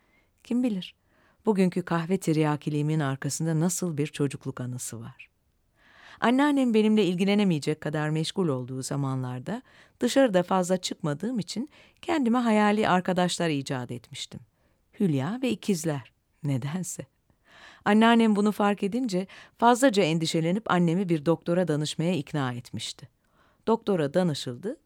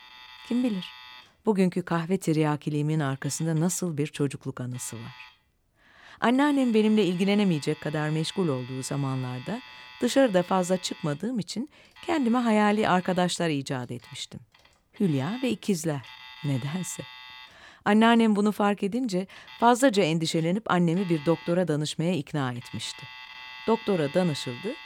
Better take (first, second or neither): first